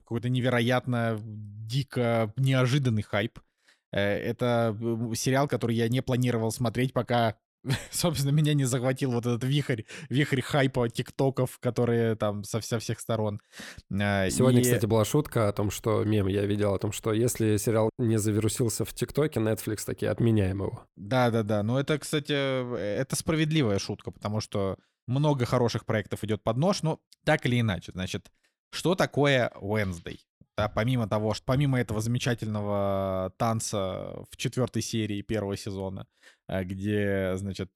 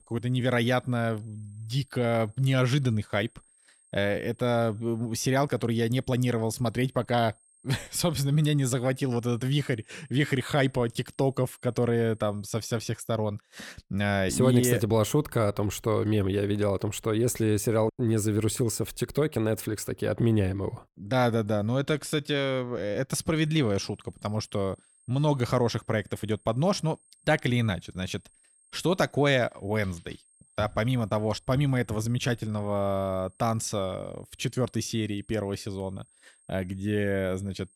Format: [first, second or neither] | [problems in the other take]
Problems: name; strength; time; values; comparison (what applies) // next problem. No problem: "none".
first | high-pitched whine; faint; until 13 s and from 23 s on; 8.5 kHz, 30 dB below the speech